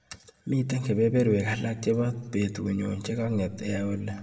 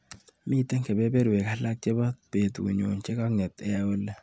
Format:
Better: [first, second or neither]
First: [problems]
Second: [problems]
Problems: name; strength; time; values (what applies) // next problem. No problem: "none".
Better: second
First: room echo; dies away in 1 s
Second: none